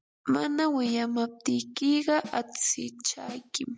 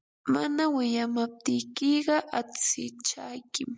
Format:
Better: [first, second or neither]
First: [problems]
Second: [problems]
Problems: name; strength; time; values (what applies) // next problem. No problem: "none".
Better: second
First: background sound (Snare drum); 17 dB below the speech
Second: none